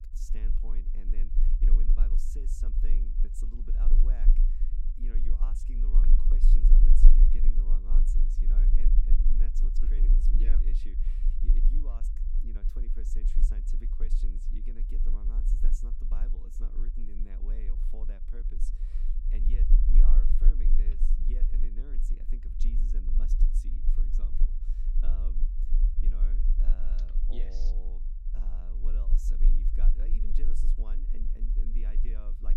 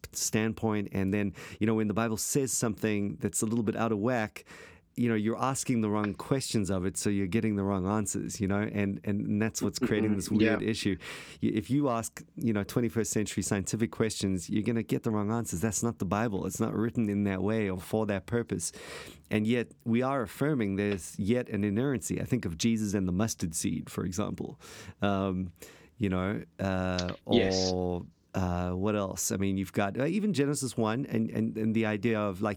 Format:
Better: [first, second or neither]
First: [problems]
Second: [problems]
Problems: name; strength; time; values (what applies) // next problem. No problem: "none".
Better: second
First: low rumble; loud; throughout; 1 dB below the speech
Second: none